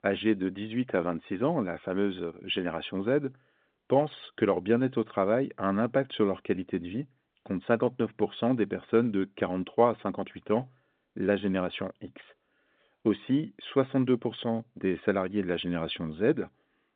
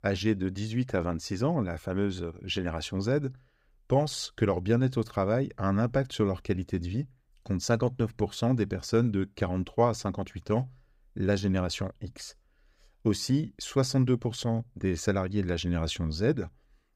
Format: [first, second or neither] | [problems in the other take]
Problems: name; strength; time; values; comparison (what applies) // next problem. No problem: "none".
second | phone-call audio